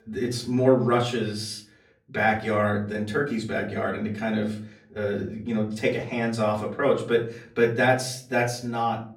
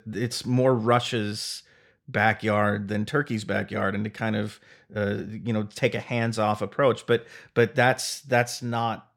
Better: second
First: off-mic speech; far // room echo; slight; dies away in 0.4 s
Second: none

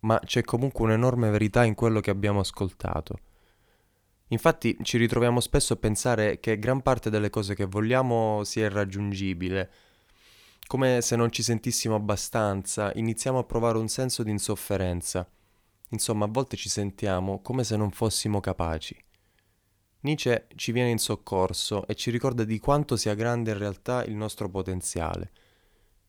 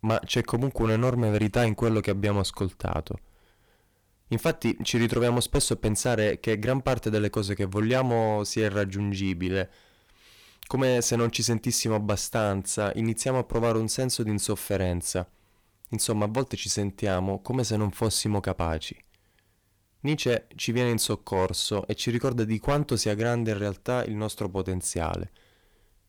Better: first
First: none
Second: distortion; slight; 4% of the sound clipped

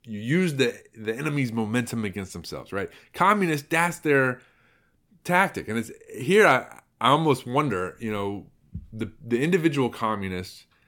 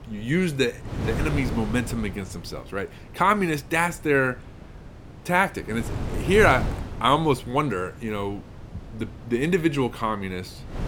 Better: first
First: none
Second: wind noise on the microphone; occasional gusts; 15 dB below the speech

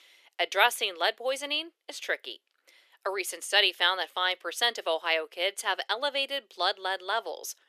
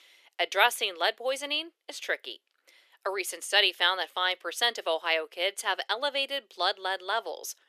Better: neither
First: thin; very; fading below 350 Hz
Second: thin; very; fading below 350 Hz

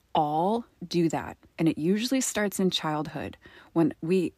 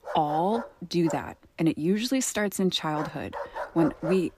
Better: first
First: none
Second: dog barking; noticeable; peak 7 dB below the speech

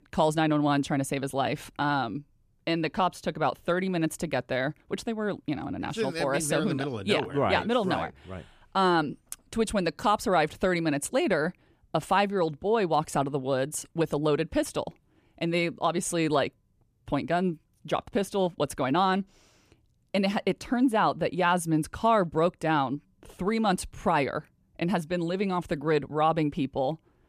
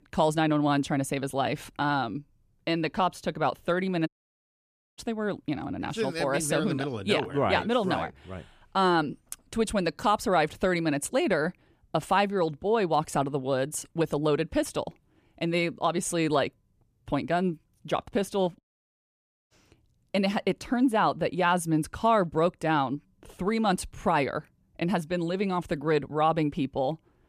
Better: first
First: none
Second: audio cutting out; at 4 s for 1 s and at 19 s for 1 s

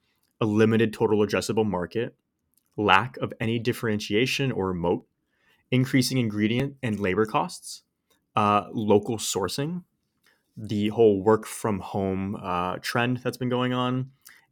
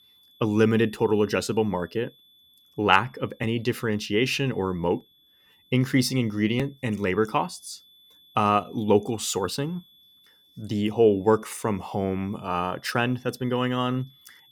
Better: first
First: none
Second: high-pitched whine; faint; throughout; 3.5 kHz, 30 dB below the speech

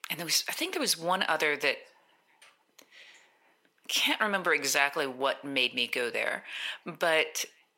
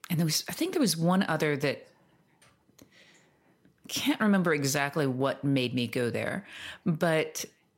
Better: second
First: thin; somewhat; fading below 500 Hz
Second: none

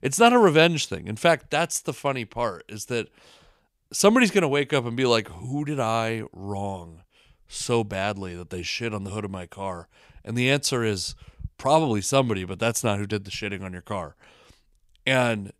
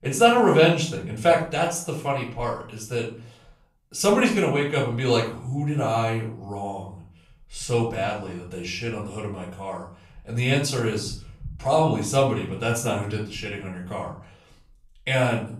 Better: first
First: none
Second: off-mic speech; far // room echo; slight; dies away in 0.4 s

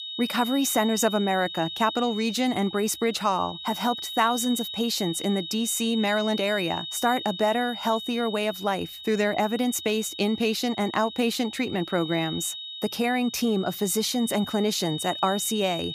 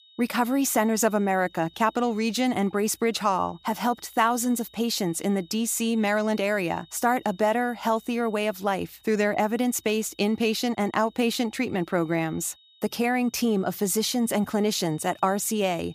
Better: second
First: high-pitched whine; loud; throughout; 3.5 kHz, 8 dB below the speech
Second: high-pitched whine; faint; throughout; 3.5 kHz, 30 dB below the speech

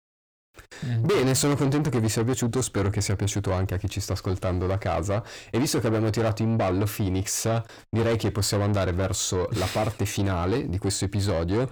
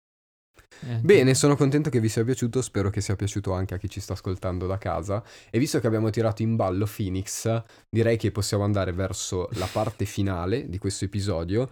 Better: second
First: distortion; heavy; 7 dB below the speech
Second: none

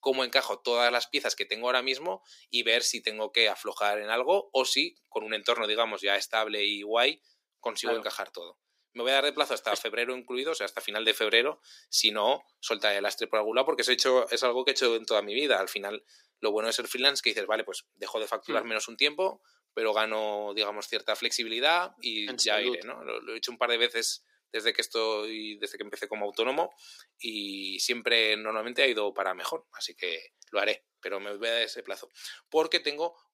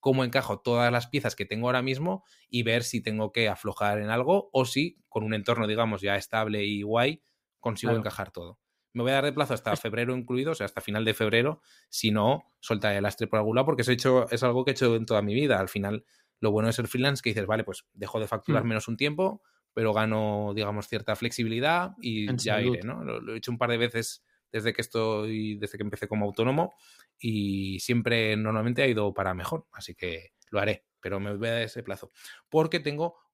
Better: second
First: thin; very; fading below 350 Hz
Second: none

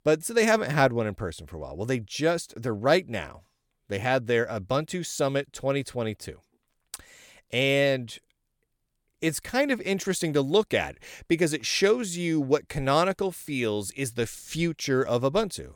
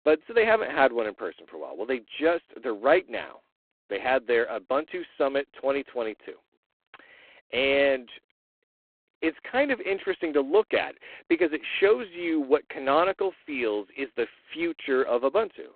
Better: first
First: none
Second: phone-call audio; poor line; nothing above 3.5 kHz

